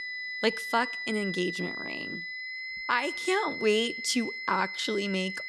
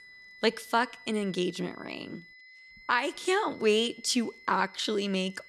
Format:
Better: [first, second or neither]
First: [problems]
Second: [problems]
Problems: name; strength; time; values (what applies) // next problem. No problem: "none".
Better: second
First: high-pitched whine; loud; throughout; 2 kHz, 5 dB below the speech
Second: high-pitched whine; faint; throughout; 2 kHz, 20 dB below the speech